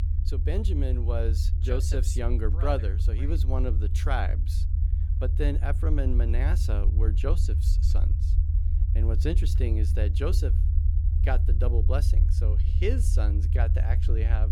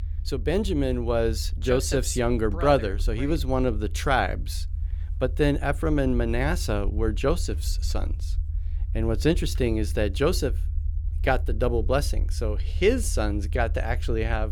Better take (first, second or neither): second